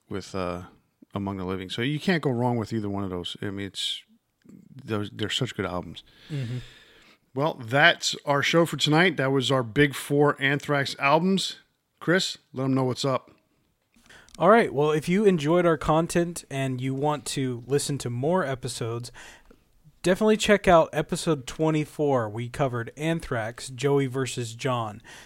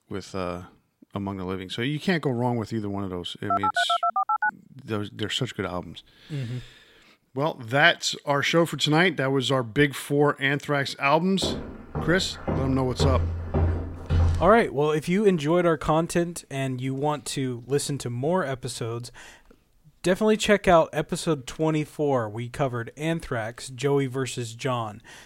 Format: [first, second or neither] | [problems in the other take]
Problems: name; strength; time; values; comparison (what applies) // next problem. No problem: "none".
first | phone ringing; loud; from 3.5 to 4.5 s; peak 1 dB above the speech // footsteps; loud; from 11 to 15 s; peak 1 dB above the speech